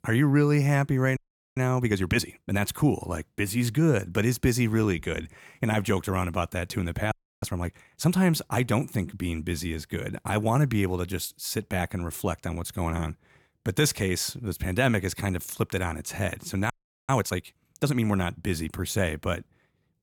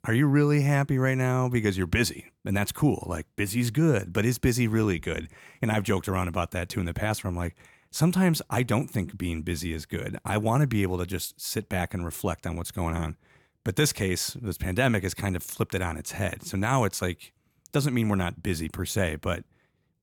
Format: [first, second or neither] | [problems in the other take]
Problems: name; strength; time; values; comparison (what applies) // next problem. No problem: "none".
second | audio freezing; at 1 s, at 7 s and at 17 s